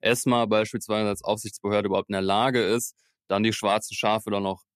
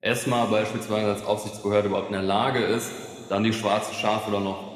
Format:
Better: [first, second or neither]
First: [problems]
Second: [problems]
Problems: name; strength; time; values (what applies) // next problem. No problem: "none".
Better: first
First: none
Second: room echo; noticeable; dies away in 2.1 s